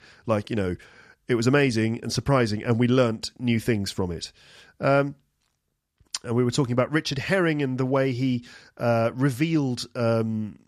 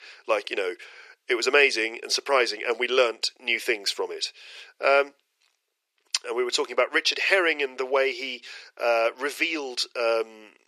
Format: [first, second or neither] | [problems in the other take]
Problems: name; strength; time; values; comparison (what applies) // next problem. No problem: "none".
first | thin; very; fading below 400 Hz